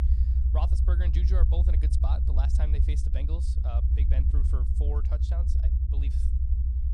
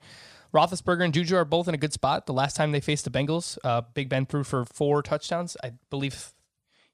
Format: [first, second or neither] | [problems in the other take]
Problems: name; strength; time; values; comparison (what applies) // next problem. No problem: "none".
second | low rumble; loud; throughout; 1 dB below the speech